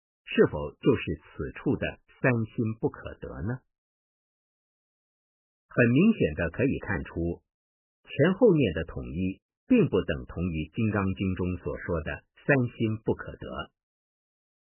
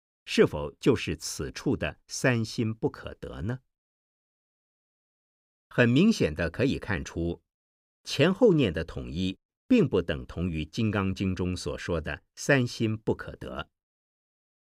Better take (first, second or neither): second